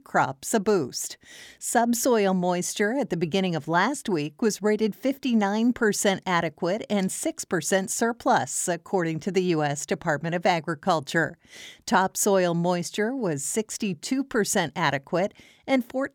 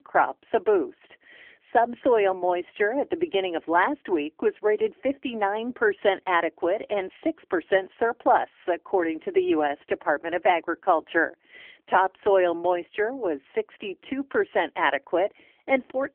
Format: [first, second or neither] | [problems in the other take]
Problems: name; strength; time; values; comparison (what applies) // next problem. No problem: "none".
first | phone-call audio; poor line; nothing above 3.5 kHz